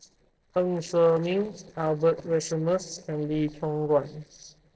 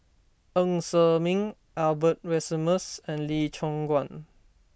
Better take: second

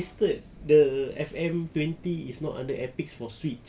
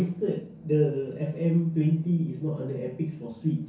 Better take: first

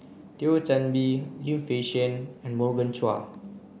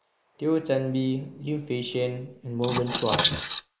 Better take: first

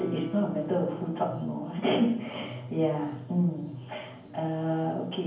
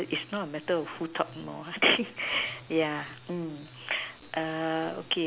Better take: second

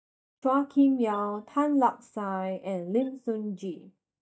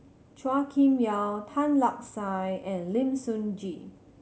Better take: second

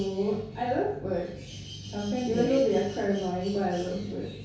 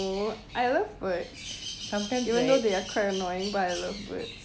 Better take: second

